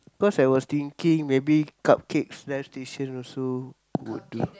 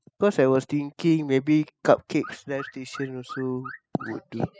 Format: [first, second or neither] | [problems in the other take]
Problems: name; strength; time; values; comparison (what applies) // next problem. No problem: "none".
first | noise reduction (classical method spectral subtraction)